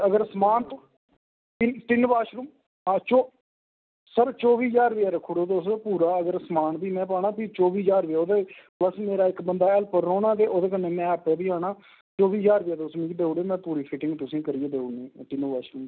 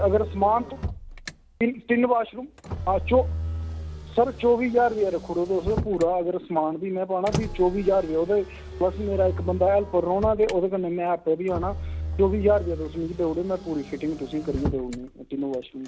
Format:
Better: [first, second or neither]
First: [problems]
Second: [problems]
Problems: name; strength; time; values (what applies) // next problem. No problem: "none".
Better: first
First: none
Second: background sound (Motor vehicle (road)); 9 dB below the speech